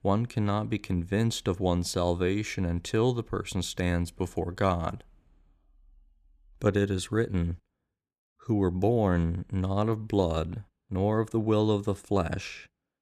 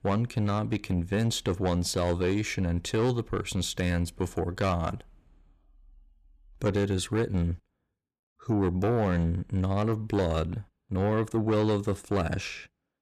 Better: first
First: none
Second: distortion; slight; 10 dB below the speech

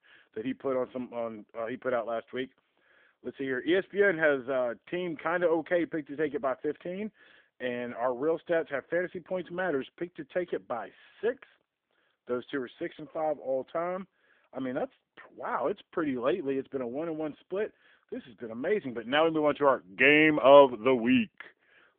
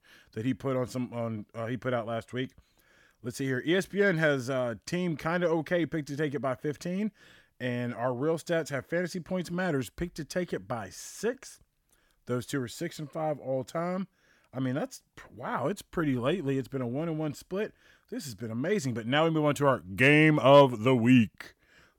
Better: second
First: phone-call audio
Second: none

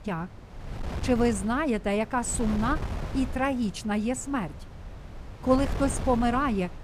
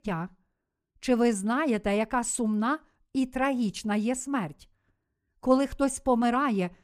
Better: second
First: wind noise on the microphone; occasional gusts; 15 dB below the speech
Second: none

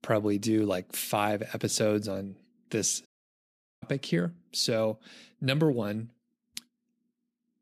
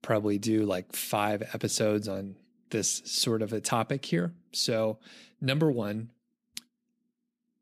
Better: second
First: audio cutting out; at 3 s for 1 s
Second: none

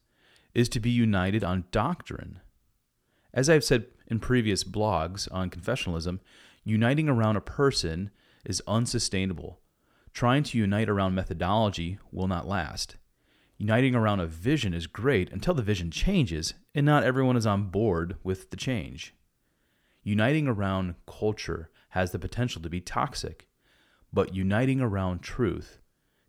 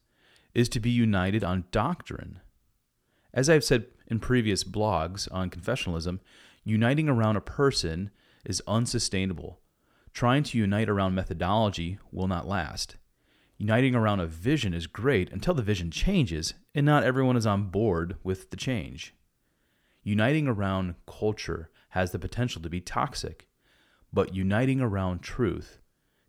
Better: neither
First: none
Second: none

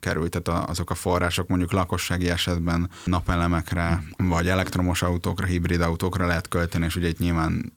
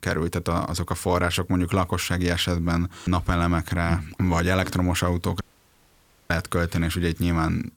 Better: first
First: none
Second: audio cutting out; at 5.5 s for 1 s

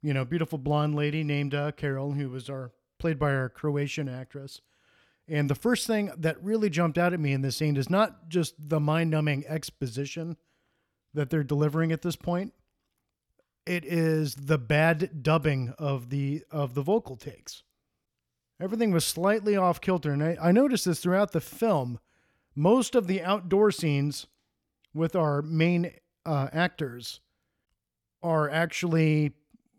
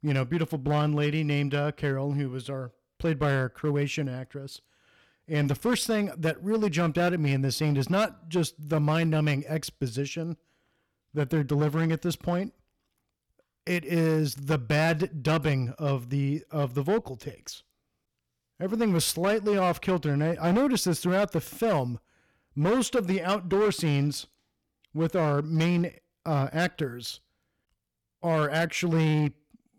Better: first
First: none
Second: distortion; slight; 8% of the sound clipped

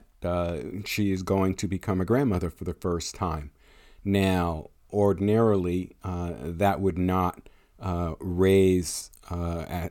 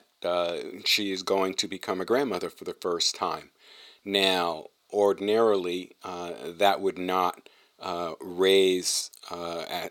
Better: first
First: none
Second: thin; somewhat; fading below 450 Hz

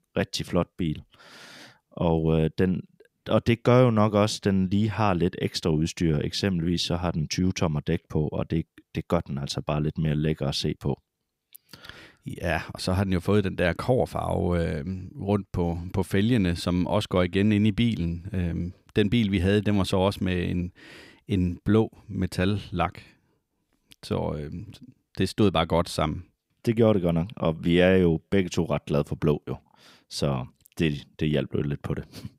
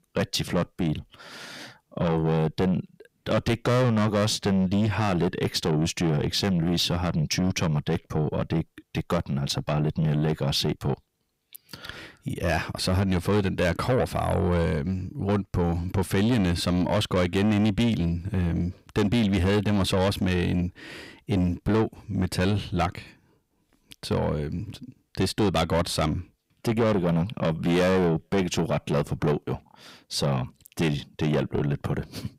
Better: first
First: none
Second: distortion; heavy; 7 dB below the speech

